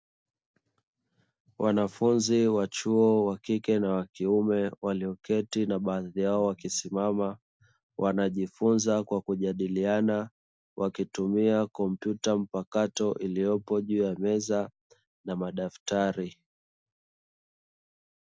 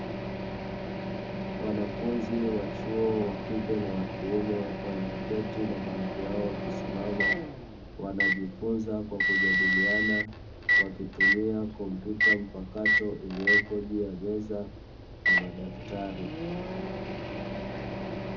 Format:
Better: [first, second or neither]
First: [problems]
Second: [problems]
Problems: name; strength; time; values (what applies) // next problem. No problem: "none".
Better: first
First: none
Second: background sound (Microwave oven); 3 dB above the speech // room echo; dies away in 0.4 s